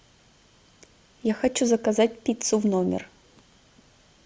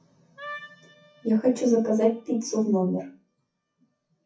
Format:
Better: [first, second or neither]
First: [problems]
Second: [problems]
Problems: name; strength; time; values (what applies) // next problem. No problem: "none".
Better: first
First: none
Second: noise reduction (classical method WPE with log-MMSE)